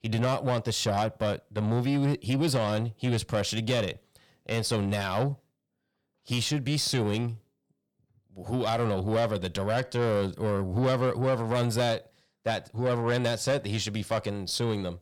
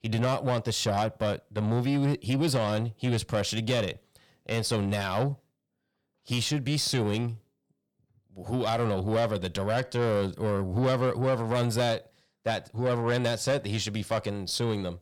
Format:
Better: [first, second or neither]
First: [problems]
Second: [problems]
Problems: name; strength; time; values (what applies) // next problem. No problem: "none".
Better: neither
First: distortion; slight; 10 dB below the speech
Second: distortion; slight; 10 dB below the speech